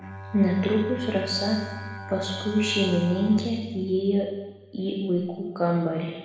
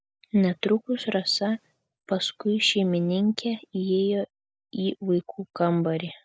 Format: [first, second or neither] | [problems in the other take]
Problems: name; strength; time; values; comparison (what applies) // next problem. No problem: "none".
second | background sound (Bowed string instrument); 13 dB below the speech // room echo; dies away in 1.1 s